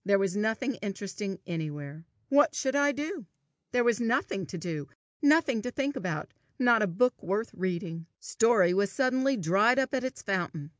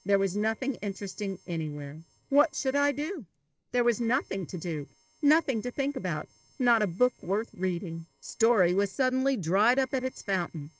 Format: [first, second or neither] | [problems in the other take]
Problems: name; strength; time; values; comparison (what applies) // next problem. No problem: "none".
first | noise reduction (neural separator model SepFormer DNS4)